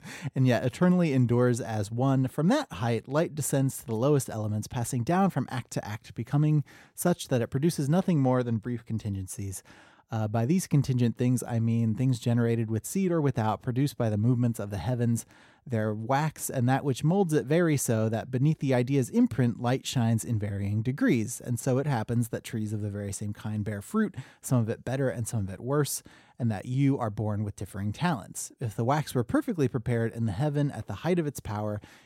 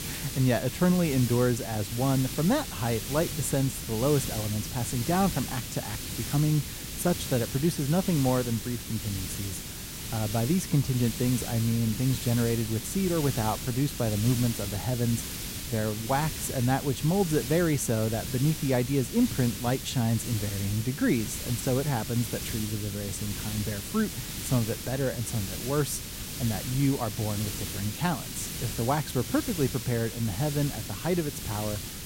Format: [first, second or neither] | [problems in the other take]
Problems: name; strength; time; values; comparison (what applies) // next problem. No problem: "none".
first | hiss; loud; throughout; 6 dB below the speech